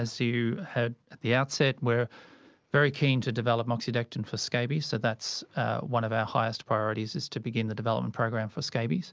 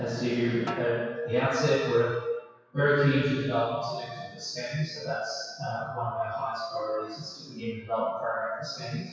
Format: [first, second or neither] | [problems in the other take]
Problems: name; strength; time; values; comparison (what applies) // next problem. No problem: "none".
first | noise reduction (classical method WPE with log-MMSE)